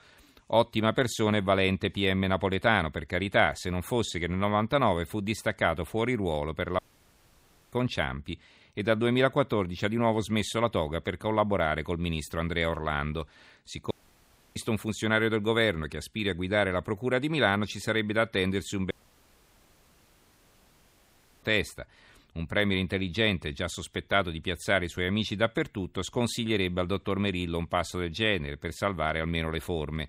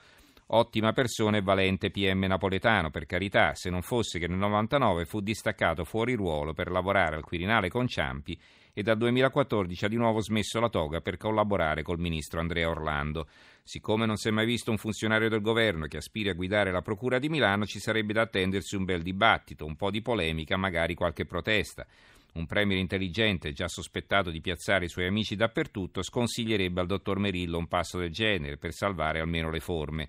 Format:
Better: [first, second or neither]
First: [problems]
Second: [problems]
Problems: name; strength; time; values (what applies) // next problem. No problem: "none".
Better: second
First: audio cutting out; at 7 s for 1 s, at 14 s for 0.5 s and at 19 s for 2.5 s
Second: none